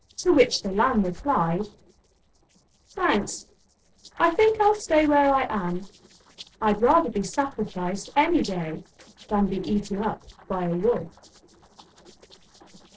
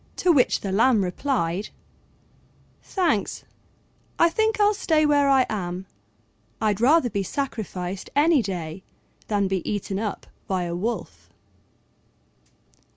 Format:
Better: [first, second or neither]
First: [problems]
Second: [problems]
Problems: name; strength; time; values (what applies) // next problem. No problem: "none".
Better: second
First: noise reduction (neural separator model SepFormer DNS4)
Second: none